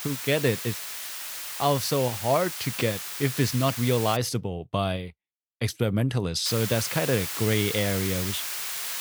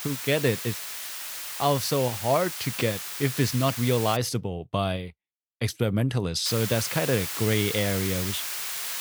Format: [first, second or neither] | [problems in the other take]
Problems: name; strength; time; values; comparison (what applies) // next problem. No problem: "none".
neither | hiss; loud; until 4 s and from 6.5 s on; 5 dB below the speech; the same in both